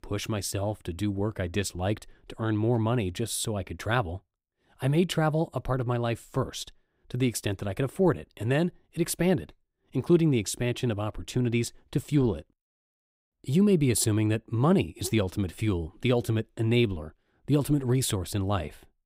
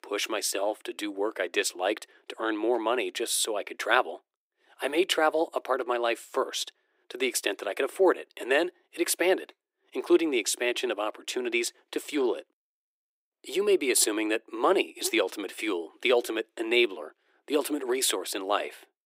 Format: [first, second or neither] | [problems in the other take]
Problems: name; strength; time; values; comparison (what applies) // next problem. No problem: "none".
first | thin; very; fading below 350 Hz